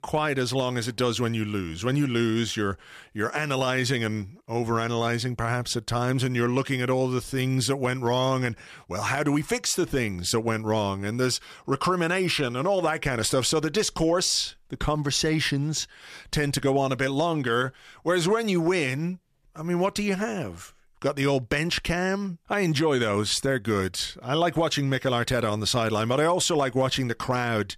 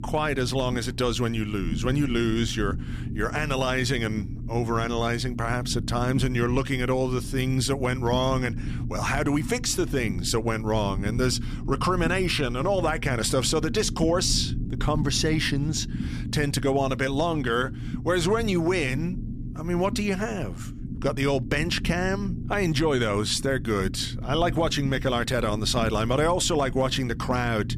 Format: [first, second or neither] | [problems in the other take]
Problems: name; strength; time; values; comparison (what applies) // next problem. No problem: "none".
first | low rumble; noticeable; throughout; 15 dB below the speech